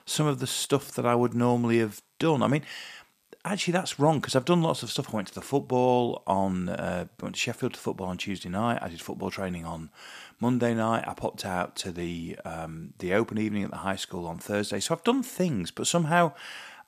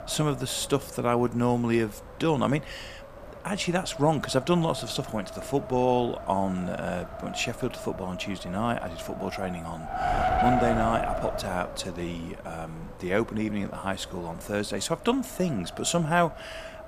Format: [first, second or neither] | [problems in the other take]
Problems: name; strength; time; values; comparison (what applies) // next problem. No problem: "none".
first | wind noise on the microphone; heavy; 4 dB below the speech